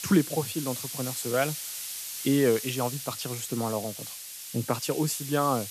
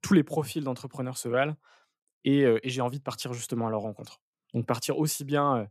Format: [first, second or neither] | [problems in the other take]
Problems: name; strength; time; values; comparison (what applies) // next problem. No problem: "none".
second | hiss; loud; throughout; 6 dB below the speech